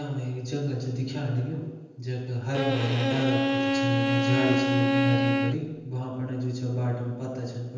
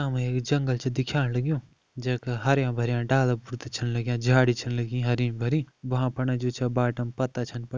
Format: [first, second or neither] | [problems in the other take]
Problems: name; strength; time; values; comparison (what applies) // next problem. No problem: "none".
second | background sound (Bowed string instrument); 2 dB above the speech // room echo; dies away in 1.1 s